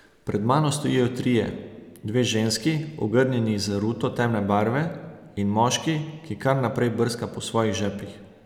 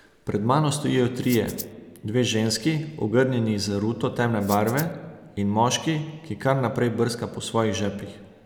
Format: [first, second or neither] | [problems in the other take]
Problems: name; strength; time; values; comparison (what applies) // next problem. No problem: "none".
first | background sound (Rattle (instrument)); 13 dB below the speech